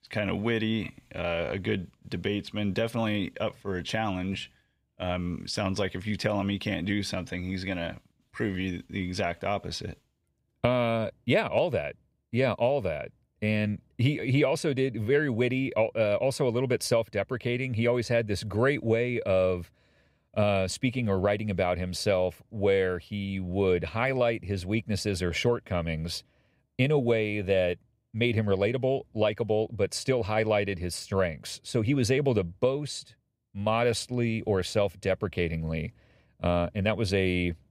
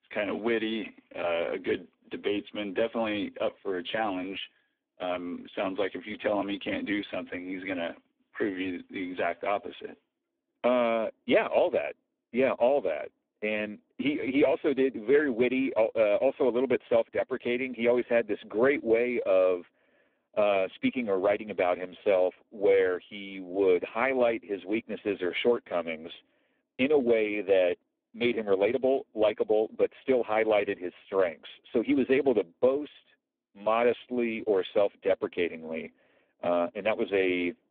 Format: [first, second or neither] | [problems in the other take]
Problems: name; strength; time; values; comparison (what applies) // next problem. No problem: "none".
first | phone-call audio; poor line; nothing above 3.5 kHz